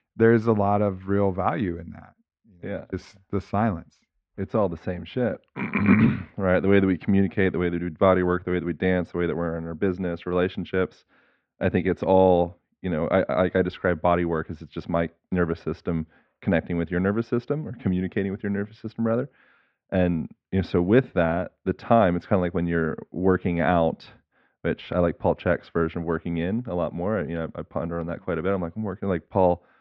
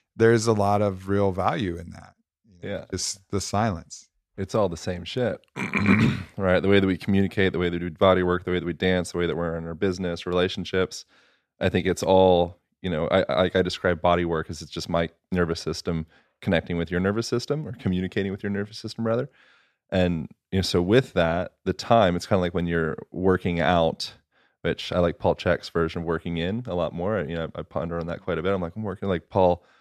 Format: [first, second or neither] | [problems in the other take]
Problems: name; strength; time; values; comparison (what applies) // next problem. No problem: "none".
second | muffled; very; fading above 2.5 kHz